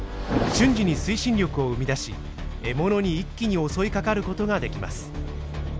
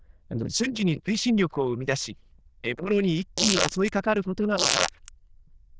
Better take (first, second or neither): first